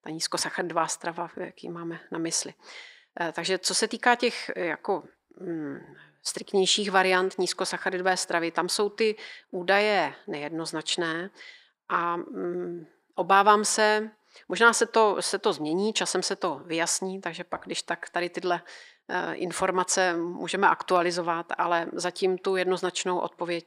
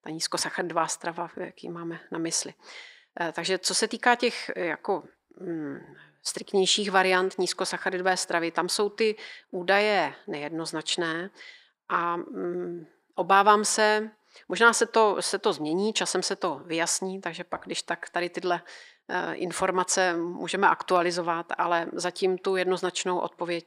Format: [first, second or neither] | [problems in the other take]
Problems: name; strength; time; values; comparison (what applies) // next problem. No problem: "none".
neither | thin; somewhat; fading below 550 Hz; the same in both